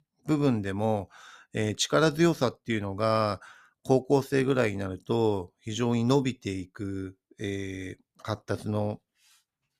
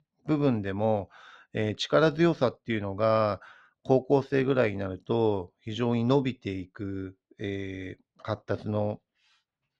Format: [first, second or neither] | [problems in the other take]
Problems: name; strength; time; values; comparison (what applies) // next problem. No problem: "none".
first | muffled; slightly; fading above 4 kHz